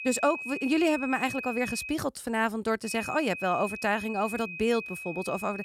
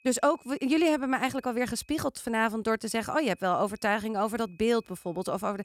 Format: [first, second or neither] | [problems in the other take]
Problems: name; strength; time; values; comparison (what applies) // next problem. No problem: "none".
second | high-pitched whine; loud; until 2 s and from 3 s on; 2.5 kHz, 8 dB below the speech; faint in the second